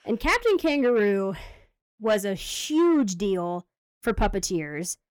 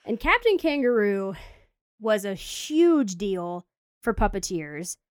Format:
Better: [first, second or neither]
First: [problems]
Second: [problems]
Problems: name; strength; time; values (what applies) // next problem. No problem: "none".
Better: second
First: distortion; slight; 10 dB below the speech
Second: none